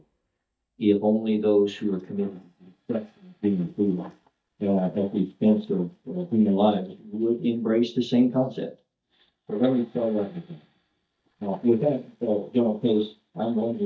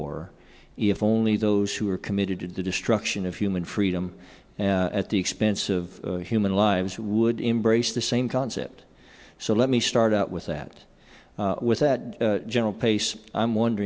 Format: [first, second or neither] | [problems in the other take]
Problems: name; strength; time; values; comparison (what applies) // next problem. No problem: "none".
second | noise reduction (neural mask model DeepFilterNet 3)